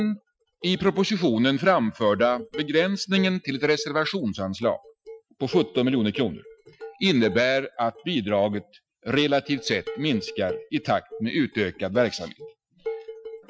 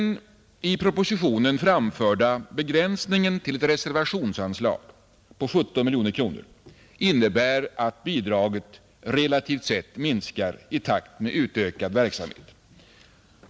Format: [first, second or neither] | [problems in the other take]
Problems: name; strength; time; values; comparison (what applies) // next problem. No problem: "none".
second | noise reduction (classical method Wiener filter)